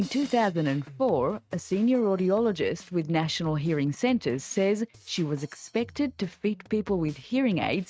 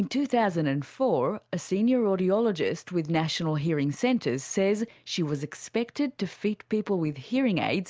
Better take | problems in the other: second | noise reduction (neural mask model RNNoise)

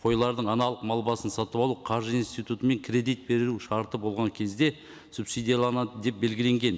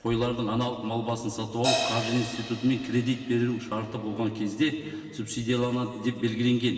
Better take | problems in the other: first | background sound (Crash cymbal); 10 dB below the speech // room echo; dies away in 2.4 s

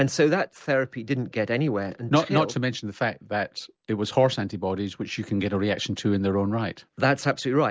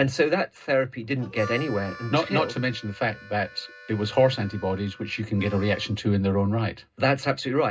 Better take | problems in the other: first | background sound (Harmonica); 19 dB below the speech // room echo; dies away in 0.2 s

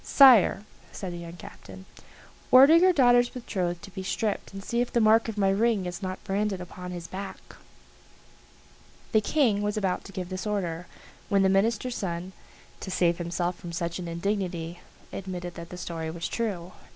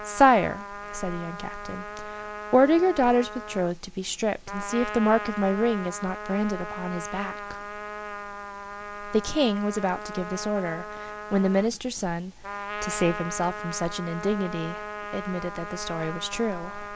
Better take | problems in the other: first | background sound (Trumpet); 10 dB below the speech

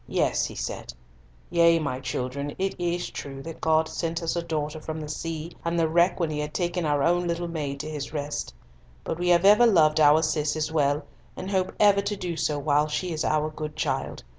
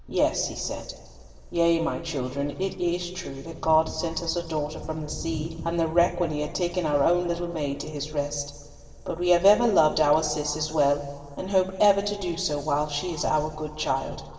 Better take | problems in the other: first | background sound (Thunder); 19 dB below the speech // room echo; dies away in 2.2 s

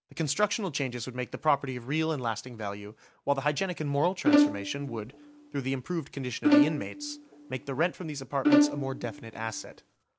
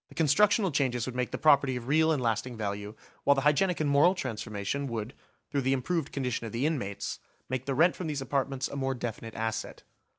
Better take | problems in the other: second | background sound (Bowed string instrument); 4 dB above the speech

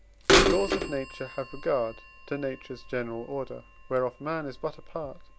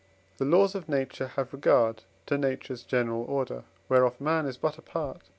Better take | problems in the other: second | background sound (Bird vocalization, bird call, bird song / Telephone); 2 dB above the speech

